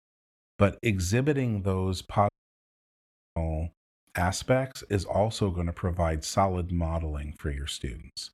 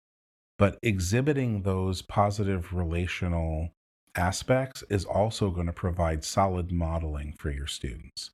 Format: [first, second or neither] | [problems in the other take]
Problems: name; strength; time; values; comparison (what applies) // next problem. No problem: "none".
second | audio cutting out; at 2.5 s for 1 s